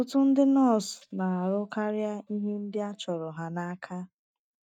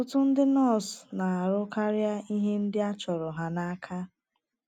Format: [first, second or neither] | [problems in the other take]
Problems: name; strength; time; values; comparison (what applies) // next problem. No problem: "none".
second | noise reduction (neural mask model DeepFilterNet 3)